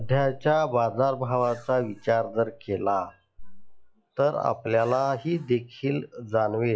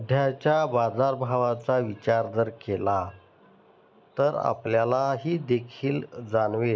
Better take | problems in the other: second | noise reduction (classical method log-MMSE)

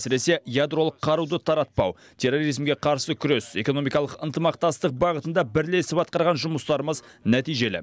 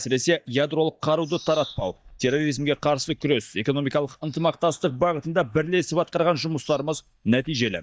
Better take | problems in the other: first | noise reduction (neural mask model DeepFilterNet 3)

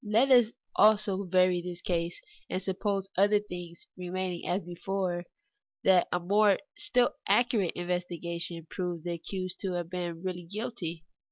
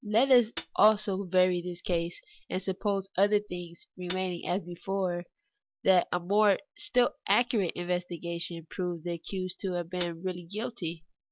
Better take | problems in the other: first | background sound (Hi-hat); 18 dB below the speech

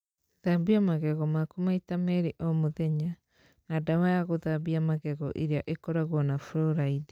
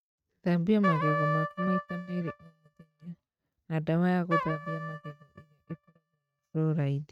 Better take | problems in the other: first | noise reduction (neural mask model RNNoise)

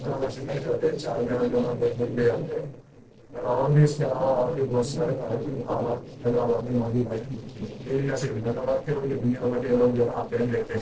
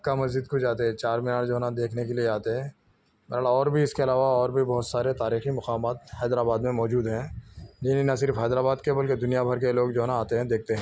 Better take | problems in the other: second | noise reduction (neural separator model SepFormer DNS4)

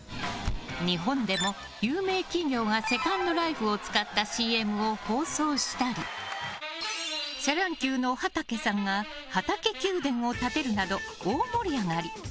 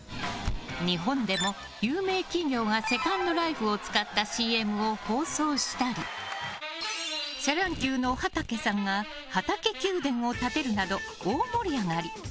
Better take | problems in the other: first | background sound (Tearing); 16 dB below the speech

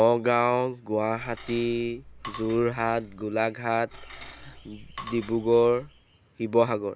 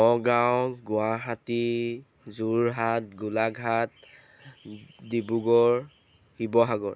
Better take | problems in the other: second | background sound (Cutlery, silverware / Dishes, pots, and pans); 18 dB below the speech

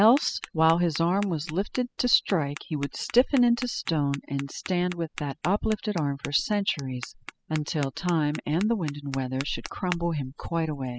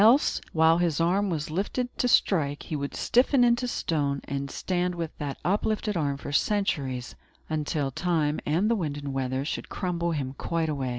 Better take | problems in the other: second | noise reduction (classical method spectral subtraction)

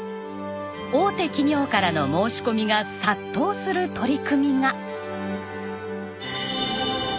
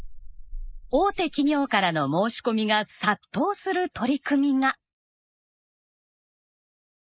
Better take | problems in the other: first | noise reduction (neural mask model Resemble Enhance denoiser)

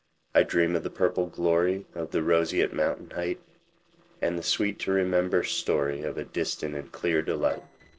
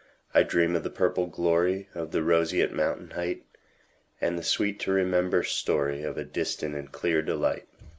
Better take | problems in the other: second | noise reduction (neural separator model SepFormer DNS4)

